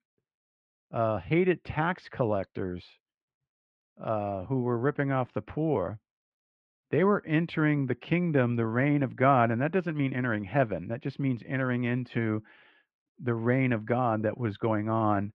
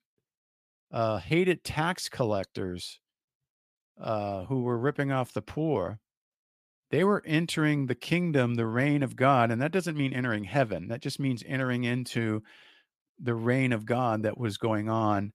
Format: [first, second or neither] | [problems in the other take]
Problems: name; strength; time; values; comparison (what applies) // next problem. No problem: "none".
second | muffled; very; fading above 2.5 kHz